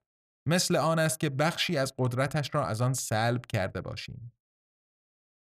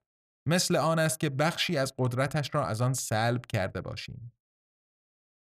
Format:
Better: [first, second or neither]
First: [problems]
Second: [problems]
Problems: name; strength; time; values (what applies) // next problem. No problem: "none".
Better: neither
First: none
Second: none